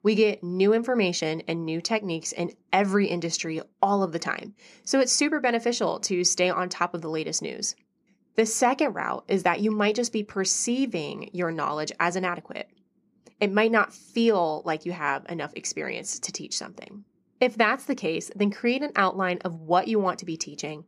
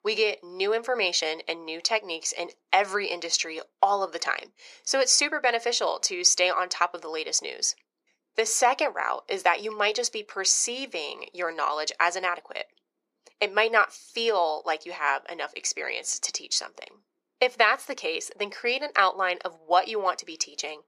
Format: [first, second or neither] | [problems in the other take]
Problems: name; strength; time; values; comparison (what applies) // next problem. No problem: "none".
first | thin; very; fading below 500 Hz